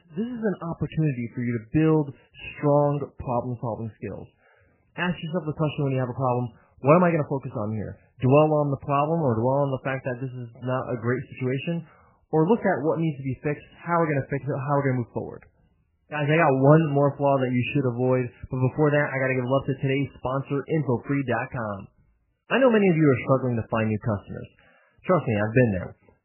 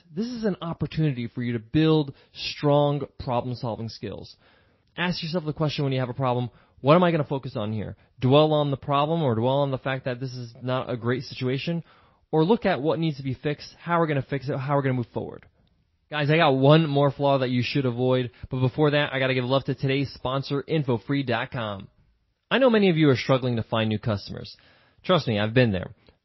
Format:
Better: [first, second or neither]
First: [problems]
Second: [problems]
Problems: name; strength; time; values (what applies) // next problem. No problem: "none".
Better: second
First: garbled, watery; badly; nothing above 3 kHz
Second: garbled, watery; slightly; nothing above 5.5 kHz